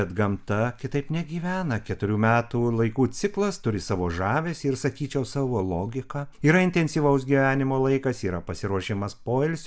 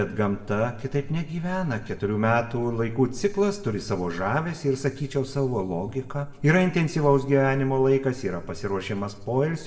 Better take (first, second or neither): first